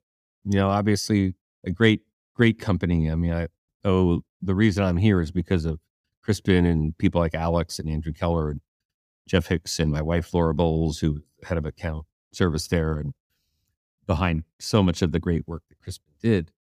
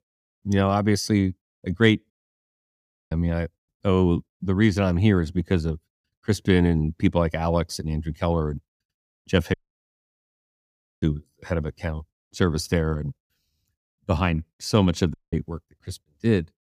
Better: first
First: none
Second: audio cutting out; at 2 s for 1 s, at 9.5 s for 1.5 s and at 15 s

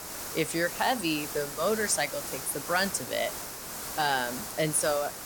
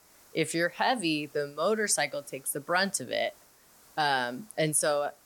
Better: second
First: hiss; loud; throughout; 7 dB below the speech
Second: hiss; faint; throughout; 25 dB below the speech

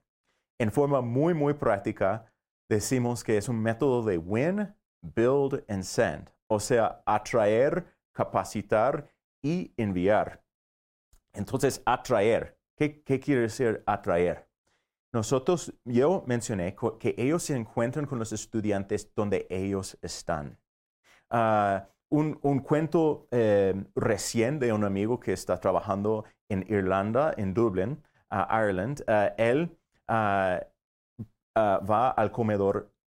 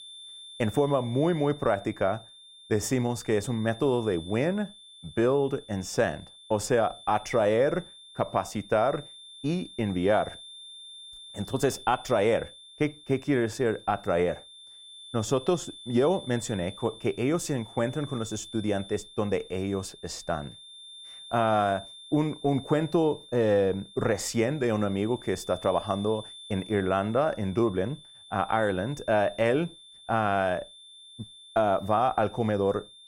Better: first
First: none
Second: high-pitched whine; noticeable; throughout; 3.5 kHz, 15 dB below the speech

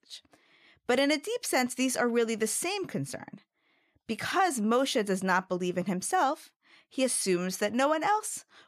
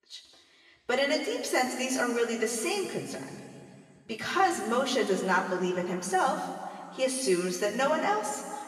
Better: first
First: none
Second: room echo; noticeable; dies away in 2.1 s // off-mic speech; far

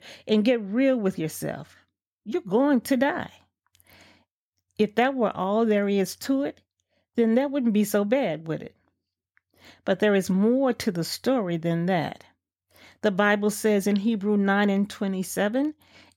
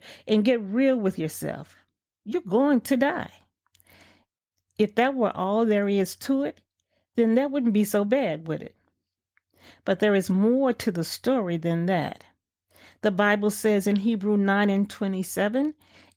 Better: first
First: none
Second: garbled, watery; slightly; nothing above 18.5 kHz

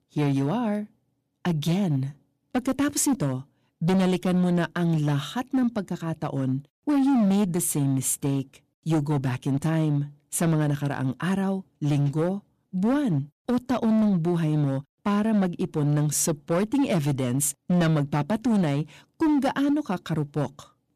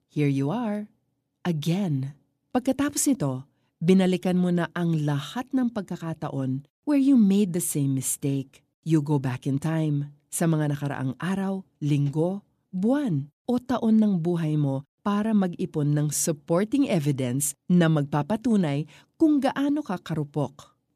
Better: second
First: distortion; slight; 11% of the sound clipped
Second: none

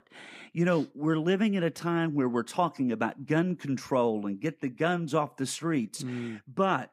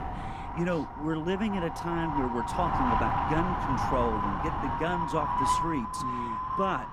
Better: first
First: none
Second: wind noise on the microphone; heavy; 5 dB above the speech

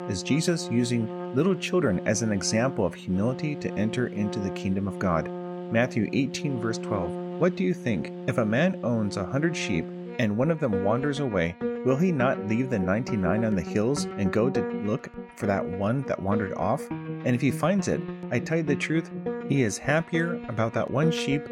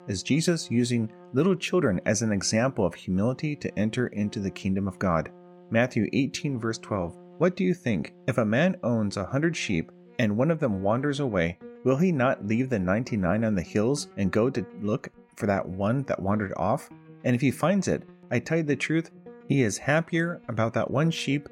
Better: second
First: background music; loud; throughout; 8 dB below the speech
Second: background music; faint; throughout; 25 dB below the speech

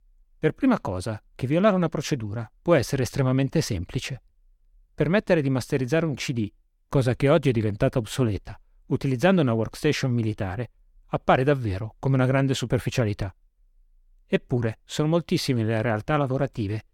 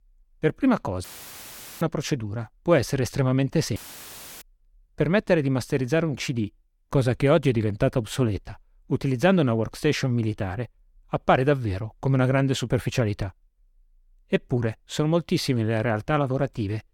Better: first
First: none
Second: audio cutting out; filled with static; at 1 s for 1 s and at 4 s for 0.5 s

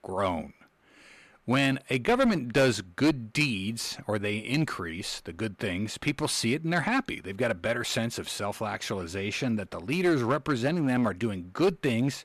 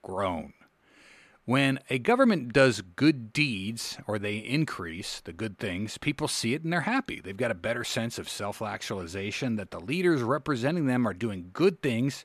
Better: second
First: distortion; slight; 5% of the sound clipped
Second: none

